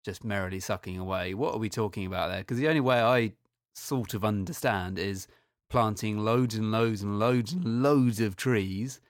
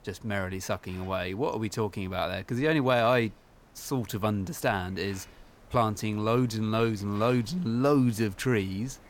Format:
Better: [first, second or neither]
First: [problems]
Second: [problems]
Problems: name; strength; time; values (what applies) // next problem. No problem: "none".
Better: first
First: none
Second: hiss; faint; throughout; 25 dB below the speech